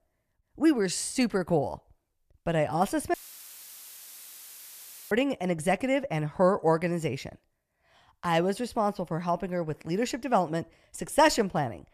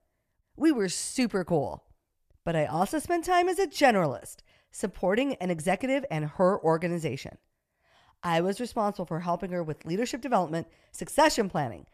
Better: second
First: audio cutting out; filled with static; at 3 s for 2 s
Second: none

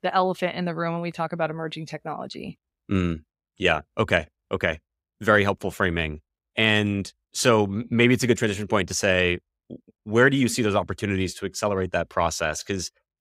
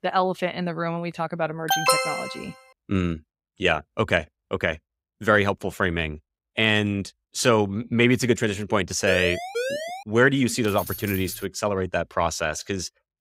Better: first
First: none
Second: alarm; loud; at 1.5 s; peak 4 dB above the speech // siren; noticeable; at 9 s; peak 4 dB below the speech // jangling keys; noticeable; at 11 s; peak 9 dB below the speech

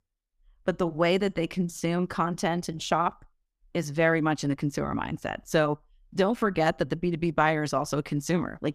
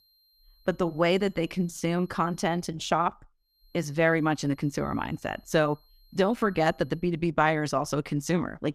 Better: first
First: none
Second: high-pitched whine; faint; until 2.5 s and from 3.5 to 7 s; 4 kHz, 35 dB below the speech

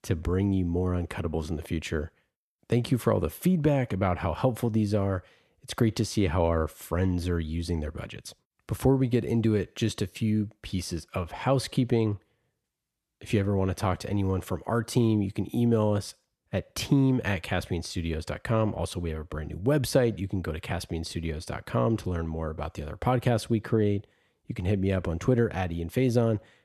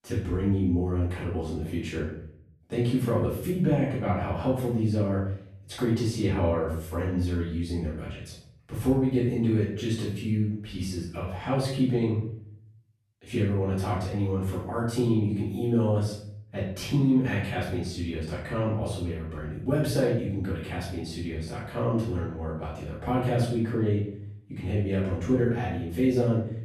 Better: first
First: none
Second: off-mic speech; far // room echo; noticeable; dies away in 0.6 s

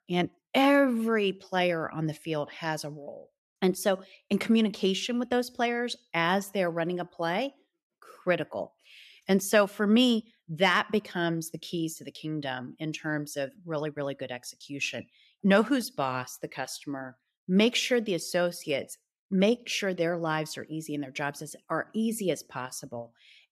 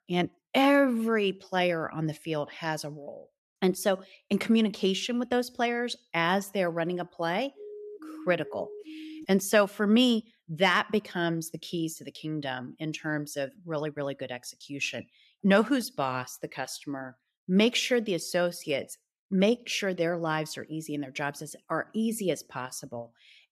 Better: first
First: none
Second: siren; faint; from 7.5 to 9.5 s; peak 15 dB below the speech

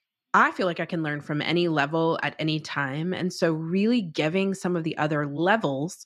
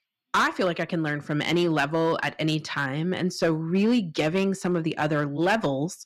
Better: first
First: none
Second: distortion; slight; 4% of the sound clipped

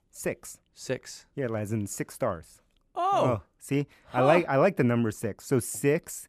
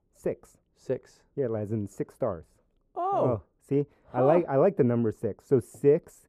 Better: first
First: none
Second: muffled; very; fading above 1.5 kHz

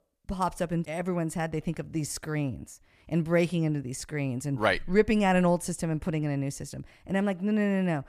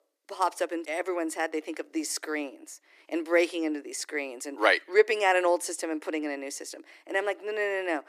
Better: first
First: none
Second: thin; very; fading below 300 Hz

